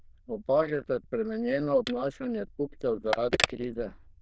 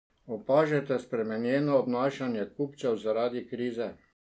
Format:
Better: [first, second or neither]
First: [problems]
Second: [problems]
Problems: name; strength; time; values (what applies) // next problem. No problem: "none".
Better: second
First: noise reduction (neural diffusion model UNIVERSE++)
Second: none